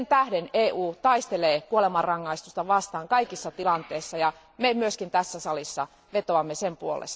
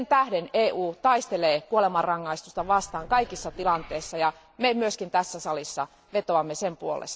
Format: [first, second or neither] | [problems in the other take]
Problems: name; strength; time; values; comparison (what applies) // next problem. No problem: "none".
first | background sound (Bird); 19 dB below the speech